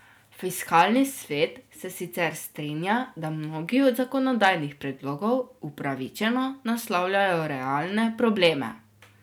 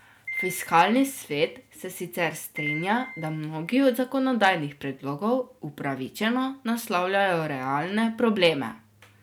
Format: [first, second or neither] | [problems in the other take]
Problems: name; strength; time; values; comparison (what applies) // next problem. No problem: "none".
first | background sound (Piano); 13 dB below the speech